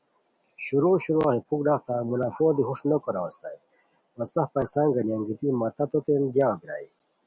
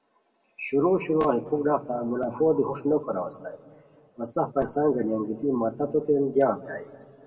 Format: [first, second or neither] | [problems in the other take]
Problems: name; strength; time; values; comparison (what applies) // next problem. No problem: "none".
first | room echo; dies away in 1.2 s